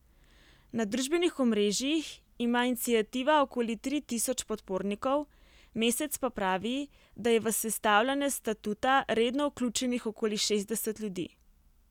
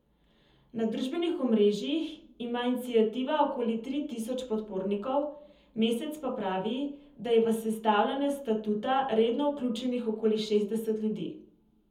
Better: first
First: none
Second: room echo; dies away in 0.7 s

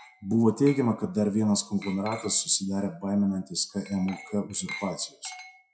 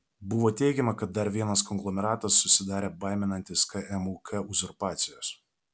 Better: second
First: noise reduction (classical method WPE with log-MMSE)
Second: none

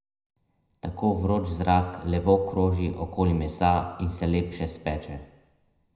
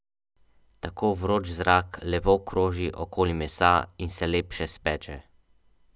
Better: second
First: room echo; dies away in 0.7 s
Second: none

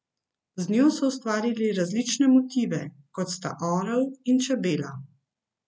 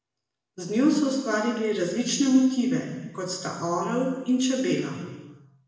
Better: first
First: none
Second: room echo; dies away in 1.2 s

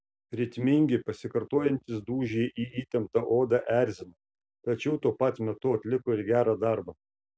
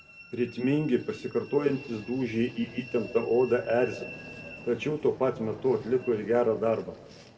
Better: first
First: none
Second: background sound (Train); 18 dB below the speech // room echo; dies away in 1.2 s

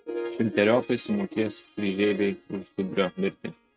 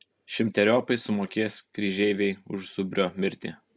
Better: second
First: noise reduction (neural mask model RNNoise)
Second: none

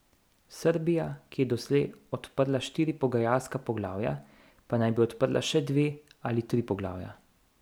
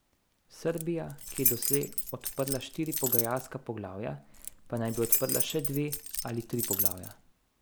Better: first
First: none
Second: background sound (Keys jangling); 1 dB above the speech

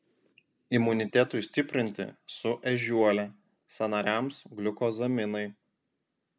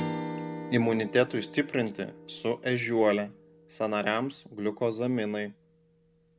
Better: first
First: none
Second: background sound (Strum); 12 dB below the speech

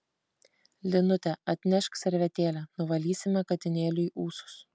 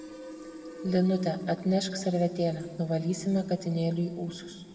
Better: first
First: none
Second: background sound (Fill (with liquid)); 17 dB below the speech // room echo; dies away in 1.4 s

